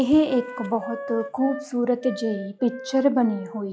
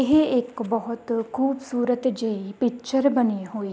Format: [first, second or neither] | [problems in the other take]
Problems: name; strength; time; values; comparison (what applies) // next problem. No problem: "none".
second | noise reduction (classical method log-MMSE)